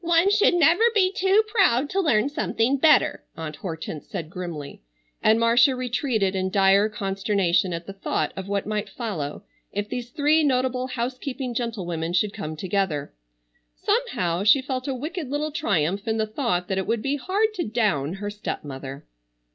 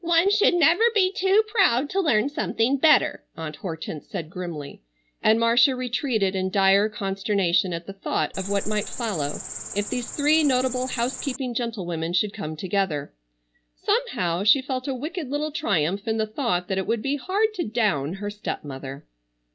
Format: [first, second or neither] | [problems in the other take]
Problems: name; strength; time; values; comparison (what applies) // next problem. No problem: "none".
first | background sound (Cricket); 7 dB below the speech